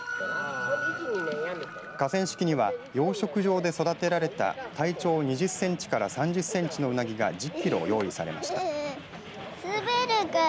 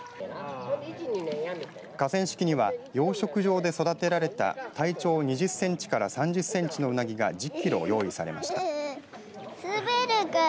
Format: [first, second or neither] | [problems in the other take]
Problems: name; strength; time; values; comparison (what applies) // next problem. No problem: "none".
second | background sound (Train); 12 dB below the speech